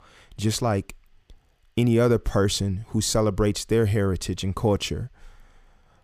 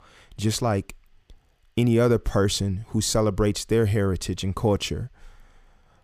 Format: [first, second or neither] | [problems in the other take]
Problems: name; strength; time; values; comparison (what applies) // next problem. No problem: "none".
neither | none